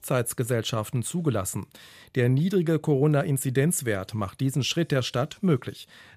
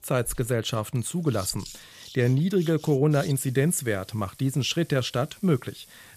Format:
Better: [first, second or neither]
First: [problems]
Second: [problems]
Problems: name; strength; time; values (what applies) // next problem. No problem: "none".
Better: first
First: none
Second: household noises; noticeable; throughout; 20 dB below the speech